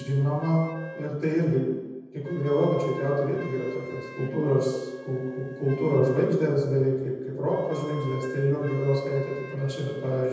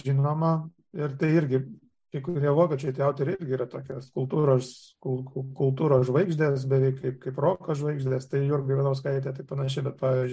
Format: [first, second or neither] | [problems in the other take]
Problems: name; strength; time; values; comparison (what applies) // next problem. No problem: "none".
second | background sound (Wind instrument, woodwind instrument); 17 dB below the speech // room echo; dies away in 1.1 s